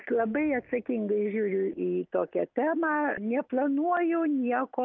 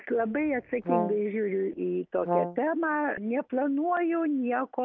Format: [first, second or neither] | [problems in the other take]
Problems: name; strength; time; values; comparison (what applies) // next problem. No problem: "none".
first | background sound (Brass instrument); 3 dB below the speech